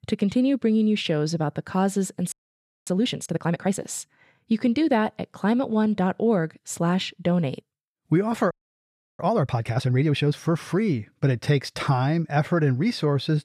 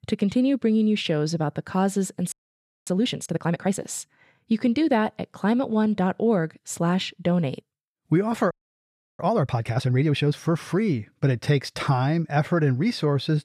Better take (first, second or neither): neither